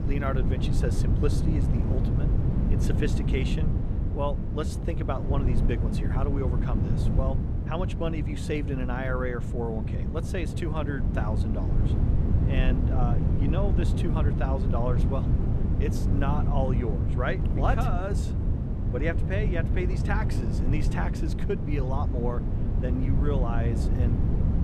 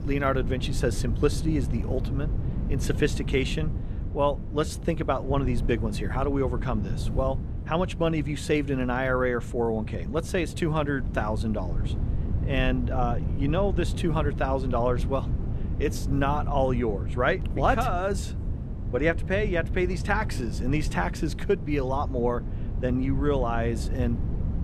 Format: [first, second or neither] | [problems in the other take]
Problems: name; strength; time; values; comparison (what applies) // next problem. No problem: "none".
second | wind noise on the microphone; heavy; 4 dB below the speech; occasional gusts in the second